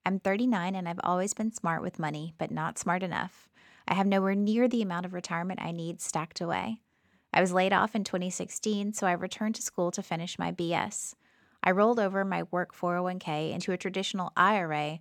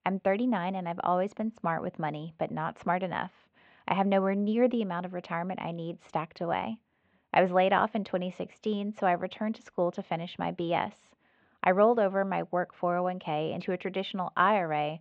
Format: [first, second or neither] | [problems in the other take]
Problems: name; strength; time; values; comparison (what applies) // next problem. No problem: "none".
first | muffled; very; fading above 3 kHz